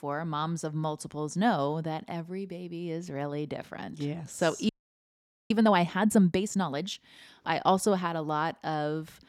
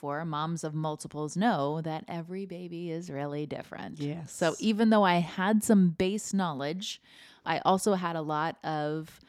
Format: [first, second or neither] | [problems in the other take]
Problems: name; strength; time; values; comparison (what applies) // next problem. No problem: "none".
second | audio freezing; at 4.5 s for 1 s